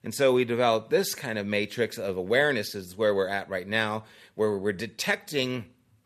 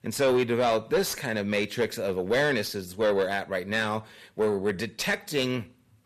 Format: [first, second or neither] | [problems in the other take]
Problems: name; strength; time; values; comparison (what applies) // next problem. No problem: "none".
first | distortion; slight; 10 dB below the speech